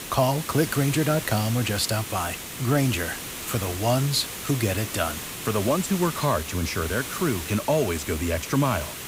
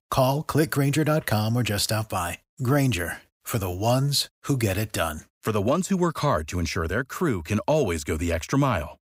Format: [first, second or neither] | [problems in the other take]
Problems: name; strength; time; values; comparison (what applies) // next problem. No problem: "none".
second | hiss; loud; throughout; 7 dB below the speech